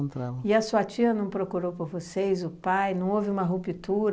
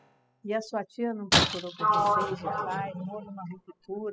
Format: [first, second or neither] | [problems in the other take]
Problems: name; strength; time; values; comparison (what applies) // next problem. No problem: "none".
first | noise reduction (classical method spectral subtraction)